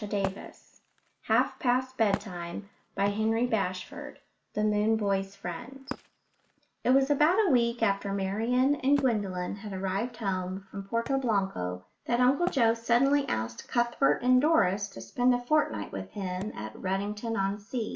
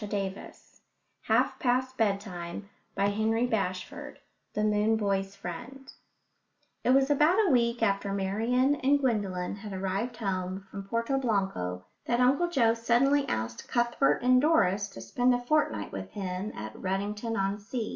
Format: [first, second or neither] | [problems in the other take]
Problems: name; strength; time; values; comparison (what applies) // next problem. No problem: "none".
second | background sound (Wood); 18 dB below the speech